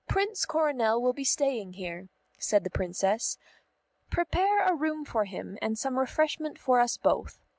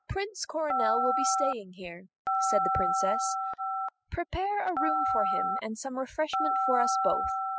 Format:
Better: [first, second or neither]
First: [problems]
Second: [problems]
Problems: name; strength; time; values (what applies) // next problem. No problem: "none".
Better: first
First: none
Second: noise reduction (classical method spectral subtraction)